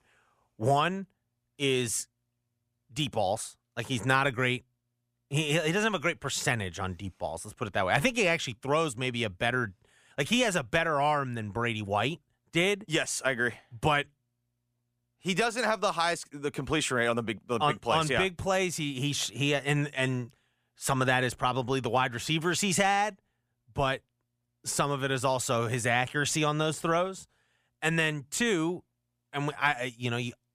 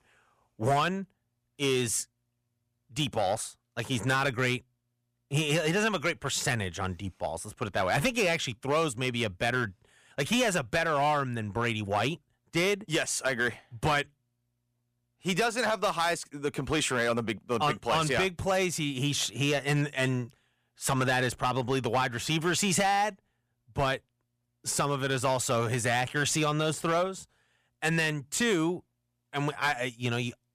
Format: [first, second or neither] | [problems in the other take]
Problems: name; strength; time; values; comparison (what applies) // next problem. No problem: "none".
first | distortion; slight; 4% of the sound clipped